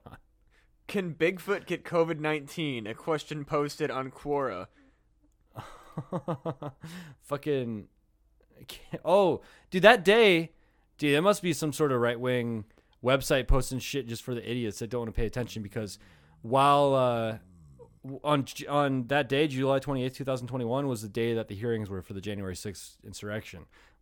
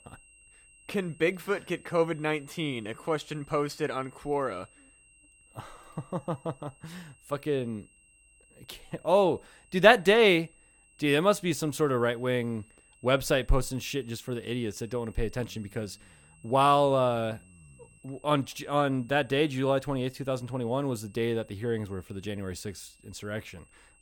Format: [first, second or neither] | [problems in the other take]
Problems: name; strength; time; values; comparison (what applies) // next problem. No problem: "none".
first | high-pitched whine; faint; throughout; 3 kHz, 30 dB below the speech